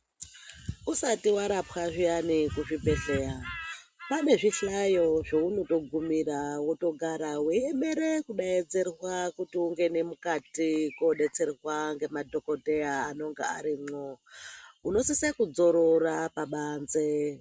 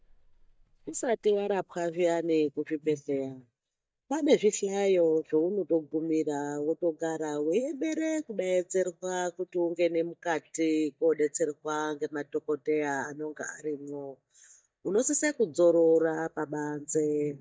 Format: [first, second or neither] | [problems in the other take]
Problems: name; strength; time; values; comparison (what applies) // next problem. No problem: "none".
first | noise reduction (neural mask model DeepFilterNet 3)